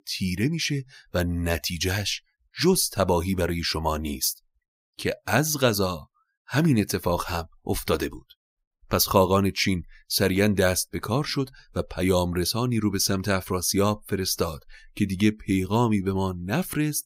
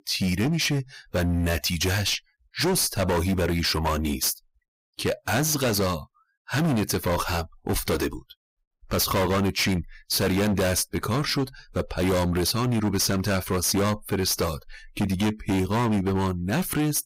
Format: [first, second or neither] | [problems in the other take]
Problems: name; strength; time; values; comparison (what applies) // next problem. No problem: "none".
first | distortion; heavy; 20% of the sound clipped